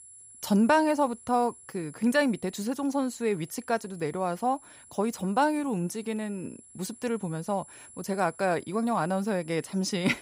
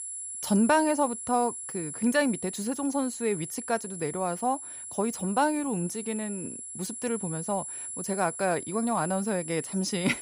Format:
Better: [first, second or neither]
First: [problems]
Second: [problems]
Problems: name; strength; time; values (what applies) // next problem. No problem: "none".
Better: first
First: high-pitched whine; faint; throughout; 10.5 kHz, 20 dB below the speech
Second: high-pitched whine; loud; throughout; 10.5 kHz, 7 dB below the speech